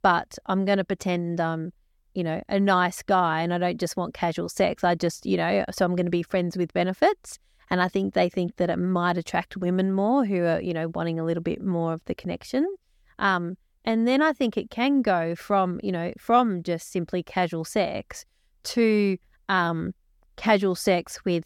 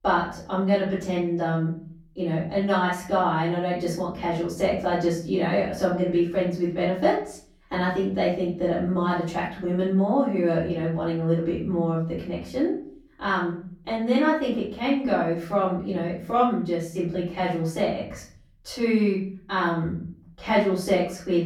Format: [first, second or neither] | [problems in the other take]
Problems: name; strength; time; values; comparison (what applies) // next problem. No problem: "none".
first | off-mic speech; far // room echo; noticeable; dies away in 0.6 s